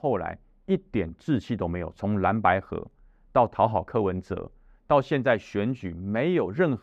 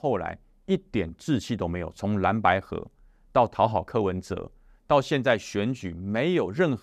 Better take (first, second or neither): second